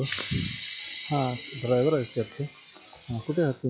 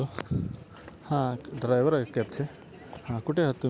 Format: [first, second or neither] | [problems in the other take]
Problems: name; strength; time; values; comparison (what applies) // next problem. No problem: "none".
second | noise reduction (classical method log-MMSE)